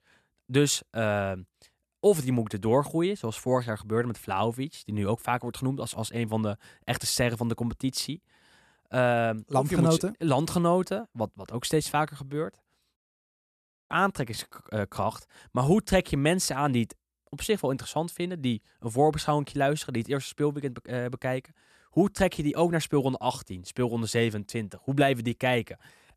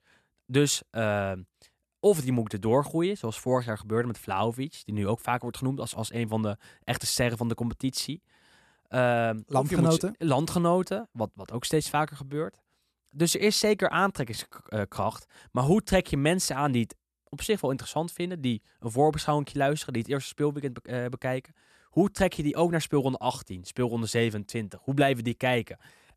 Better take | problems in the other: second | audio cutting out; at 13 s for 1 s

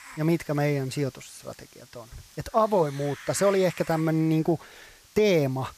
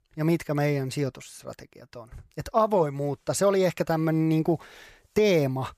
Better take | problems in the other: second | hiss; faint; throughout; 20 dB below the speech

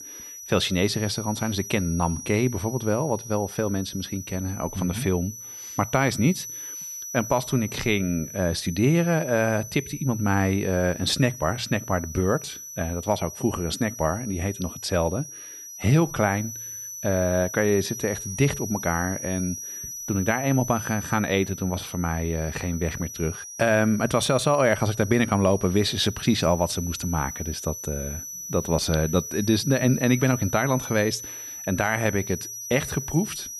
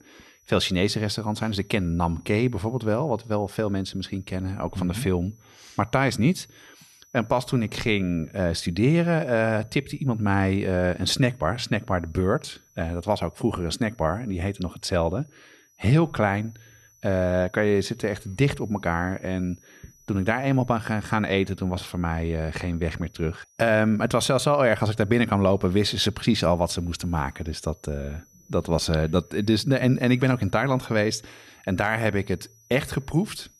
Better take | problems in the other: second | high-pitched whine; loud; throughout; 6 kHz, 10 dB below the speech; faint in the second

